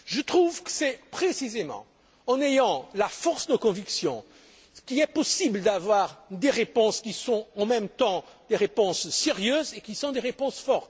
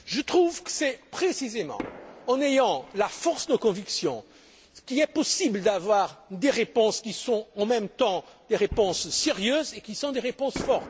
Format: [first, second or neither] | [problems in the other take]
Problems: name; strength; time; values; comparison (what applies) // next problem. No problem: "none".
first | background sound (Fireworks); 19 dB below the speech